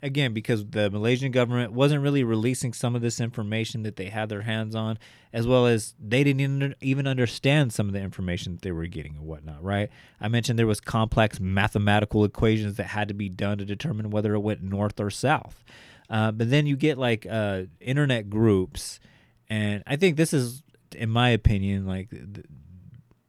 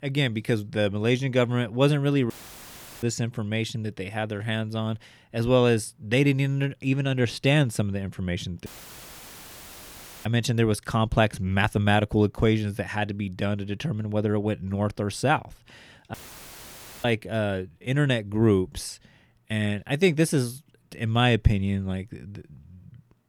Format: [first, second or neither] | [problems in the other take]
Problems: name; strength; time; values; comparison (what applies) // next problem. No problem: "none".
first | audio cutting out; filled with static; at 2.5 s for 0.5 s, at 8.5 s for 1.5 s and at 16 s for 1 s